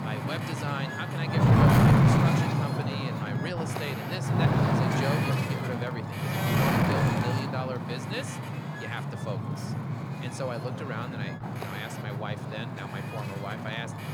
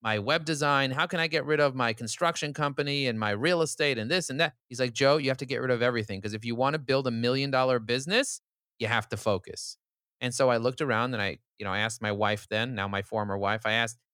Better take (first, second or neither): second